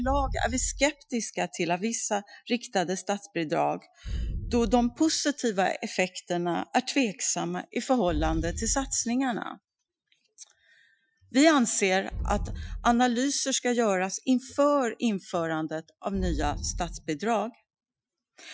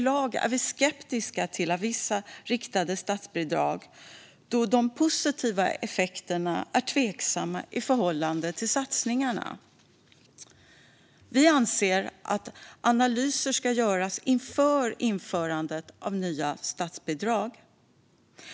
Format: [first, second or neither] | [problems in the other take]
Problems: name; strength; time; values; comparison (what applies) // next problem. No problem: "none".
second | noise reduction (classical method Wiener filter)